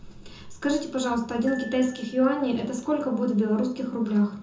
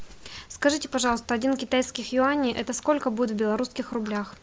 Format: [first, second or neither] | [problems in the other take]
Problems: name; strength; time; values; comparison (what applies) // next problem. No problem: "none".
second | background sound (Glockenspiel); 20 dB below the speech // room echo; dies away in 0.5 s